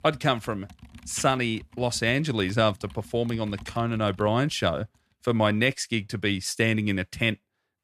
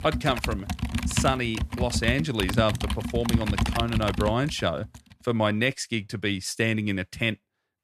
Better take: first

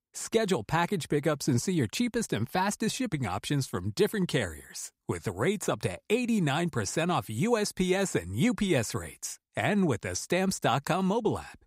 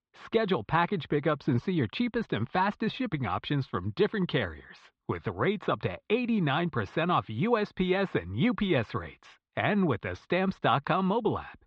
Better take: first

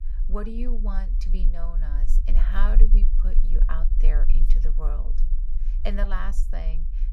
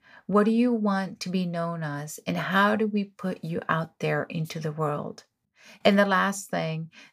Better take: second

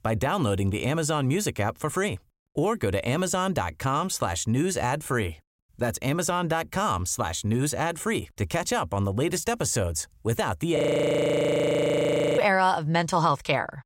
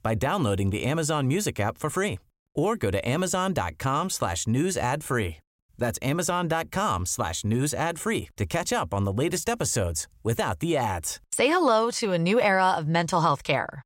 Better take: second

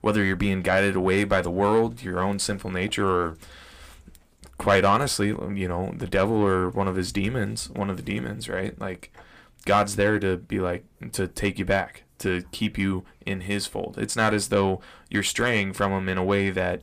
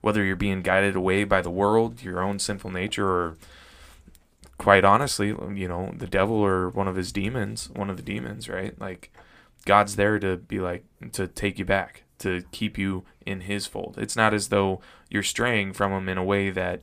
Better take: second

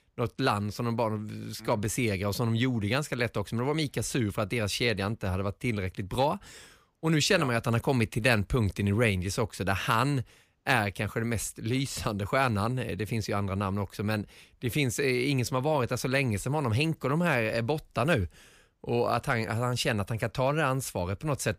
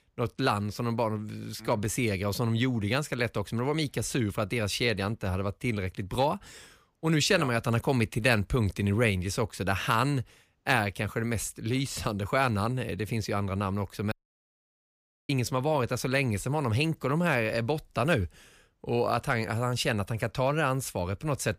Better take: first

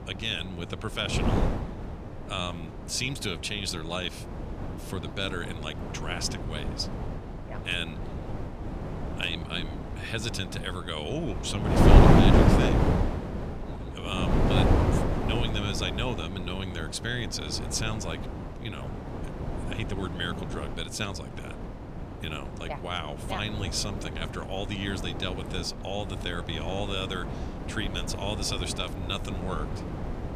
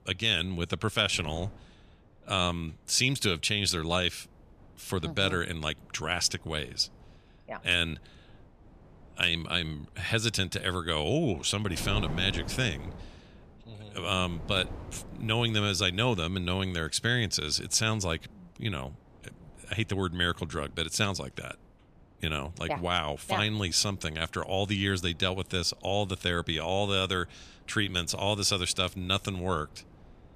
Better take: second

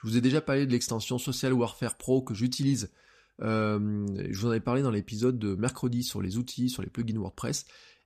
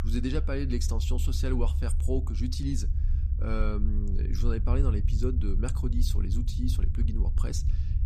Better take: first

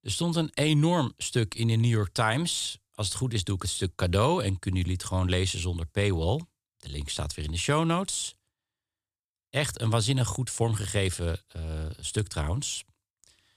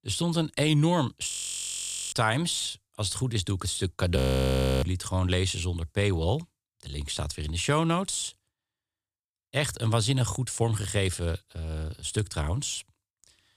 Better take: first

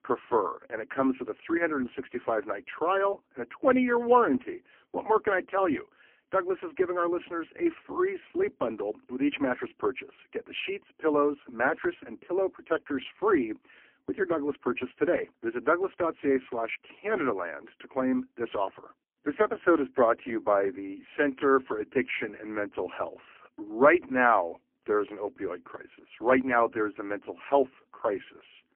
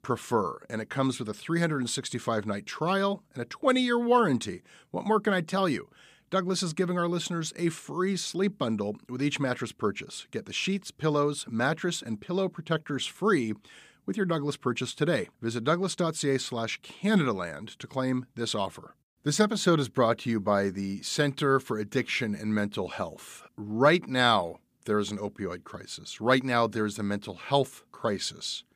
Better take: second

